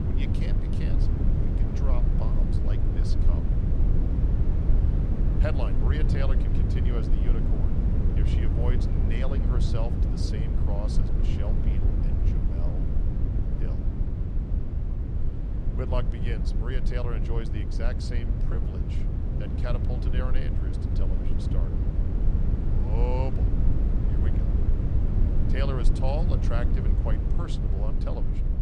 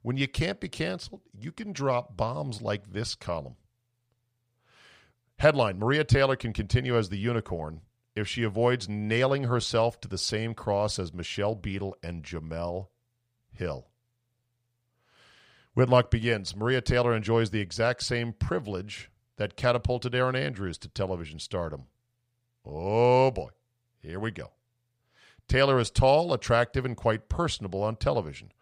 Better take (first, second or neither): second